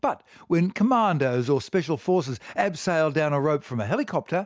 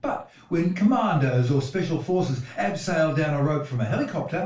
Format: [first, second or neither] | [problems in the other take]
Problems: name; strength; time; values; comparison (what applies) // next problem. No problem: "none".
first | room echo; dies away in 0.3 s